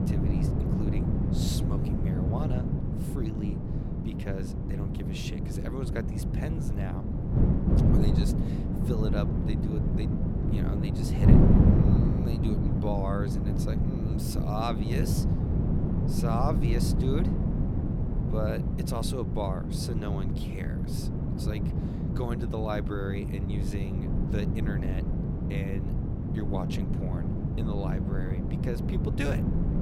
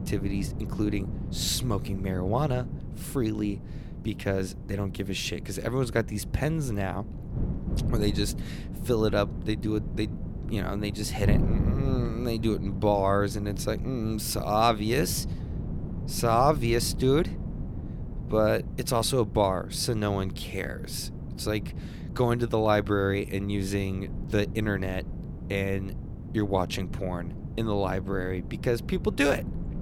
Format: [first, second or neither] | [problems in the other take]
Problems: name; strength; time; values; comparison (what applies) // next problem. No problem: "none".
second | wind noise on the microphone; heavy; 1 dB above the speech; occasional gusts in the second